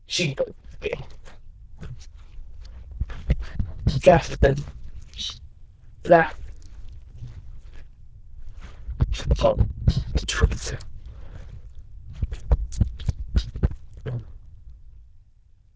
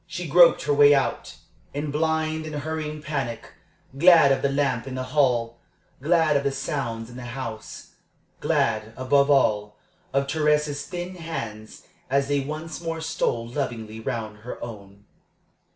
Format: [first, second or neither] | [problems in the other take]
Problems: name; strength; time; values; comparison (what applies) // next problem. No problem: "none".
second | noise reduction (neural diffusion model UNIVERSE++)